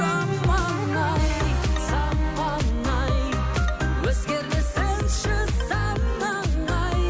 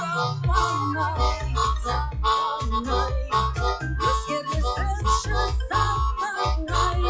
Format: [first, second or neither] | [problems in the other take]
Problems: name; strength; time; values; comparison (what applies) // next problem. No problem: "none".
first | noise reduction (classical method log-MMSE)